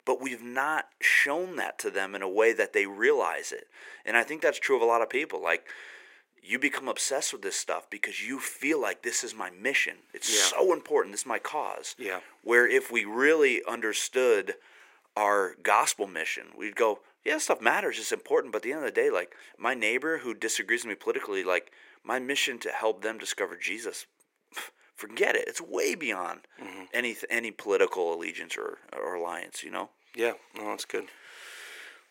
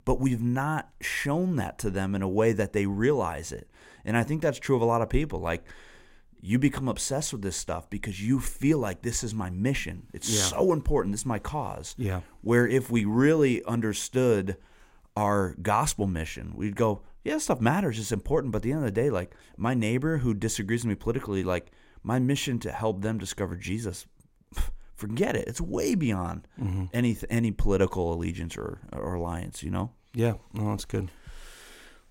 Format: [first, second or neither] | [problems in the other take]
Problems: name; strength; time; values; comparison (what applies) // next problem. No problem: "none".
second | thin; very; fading below 400 Hz